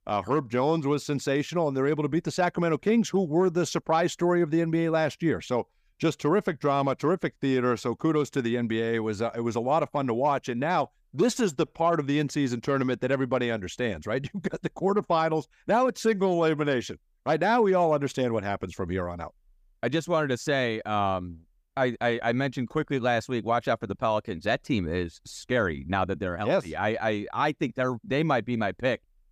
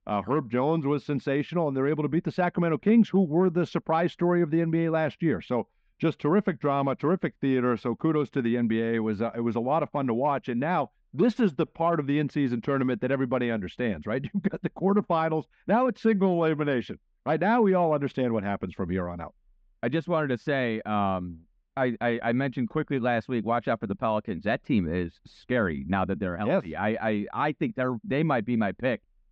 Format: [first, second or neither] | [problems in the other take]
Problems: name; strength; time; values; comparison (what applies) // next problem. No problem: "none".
first | muffled; slightly; fading above 3 kHz